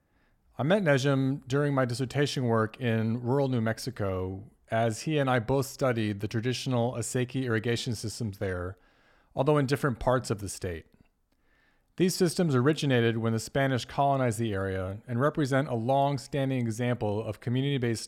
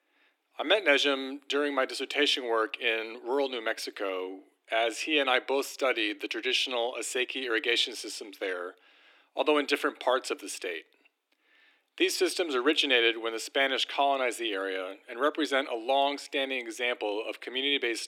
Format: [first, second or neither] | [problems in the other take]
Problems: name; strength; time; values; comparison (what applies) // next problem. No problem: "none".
first | thin; somewhat; fading below 300 Hz